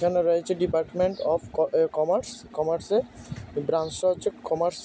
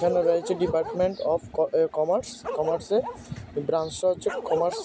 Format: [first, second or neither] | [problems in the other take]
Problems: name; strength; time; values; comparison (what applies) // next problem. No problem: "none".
first | background sound (Bark); 10 dB below the speech